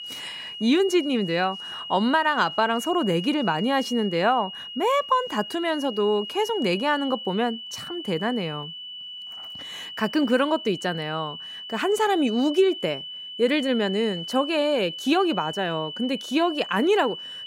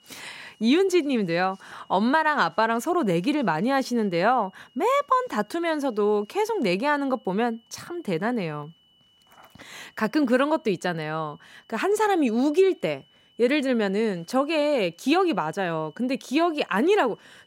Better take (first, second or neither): second